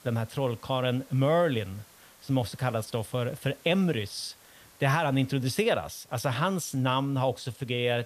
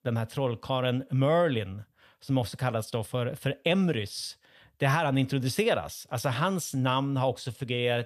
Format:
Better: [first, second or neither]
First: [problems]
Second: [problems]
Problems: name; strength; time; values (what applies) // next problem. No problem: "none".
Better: second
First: hiss; faint; throughout; 25 dB below the speech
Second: none